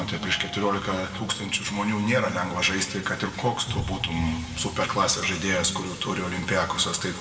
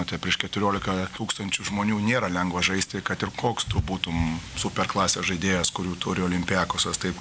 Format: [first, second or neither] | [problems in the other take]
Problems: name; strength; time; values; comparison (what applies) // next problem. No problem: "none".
second | background sound (Piano); 17 dB below the speech // room echo; dies away in 1.8 s